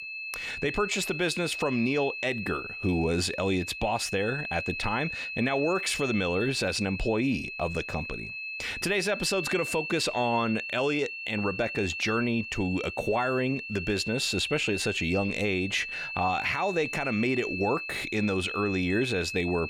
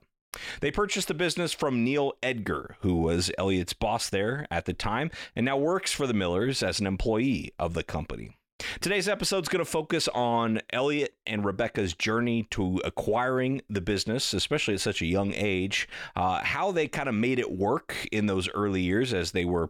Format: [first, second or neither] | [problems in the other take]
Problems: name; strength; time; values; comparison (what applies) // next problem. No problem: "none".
second | high-pitched whine; loud; throughout; 2.5 kHz, 5 dB below the speech